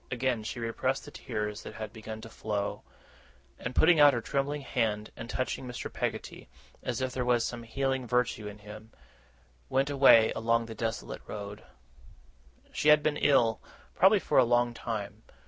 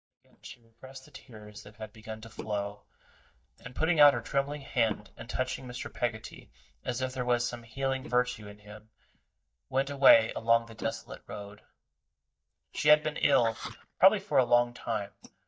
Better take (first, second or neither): first